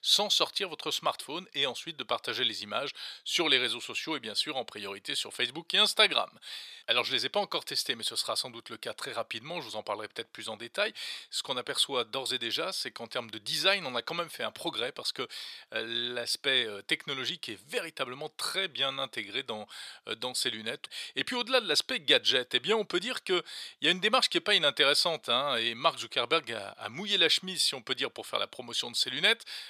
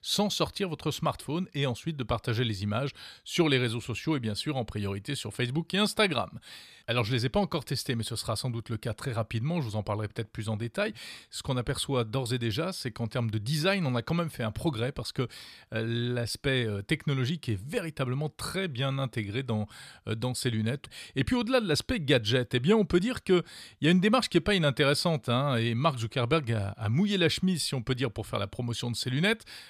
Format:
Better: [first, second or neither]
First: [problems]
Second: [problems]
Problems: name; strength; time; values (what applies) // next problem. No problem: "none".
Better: second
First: thin; very; fading below 500 Hz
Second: none